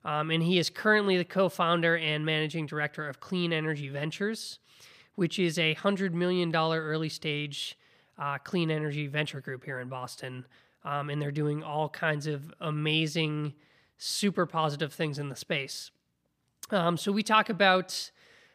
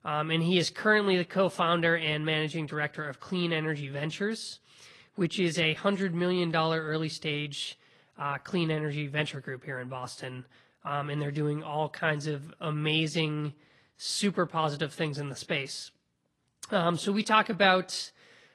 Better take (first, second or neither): first